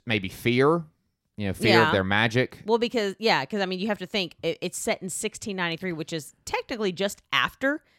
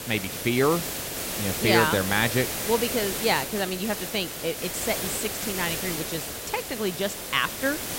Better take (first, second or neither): first